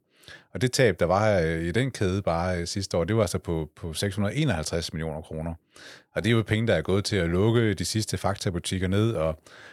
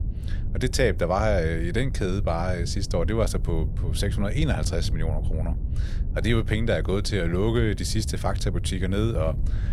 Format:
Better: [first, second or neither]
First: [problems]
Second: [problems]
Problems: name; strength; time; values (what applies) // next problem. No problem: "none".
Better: first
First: none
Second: low rumble; noticeable; throughout; 15 dB below the speech